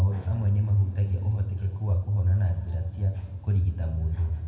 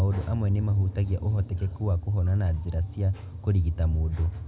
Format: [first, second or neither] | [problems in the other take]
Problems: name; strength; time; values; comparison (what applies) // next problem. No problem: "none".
second | room echo; dies away in 2 s